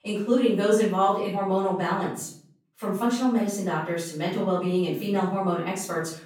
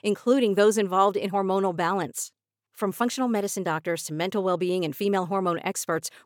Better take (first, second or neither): second